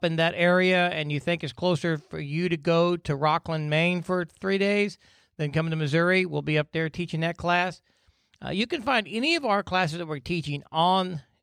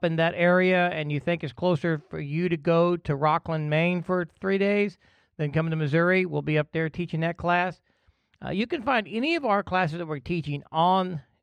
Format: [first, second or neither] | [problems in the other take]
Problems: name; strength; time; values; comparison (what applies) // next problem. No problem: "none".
first | muffled; slightly; fading above 3.5 kHz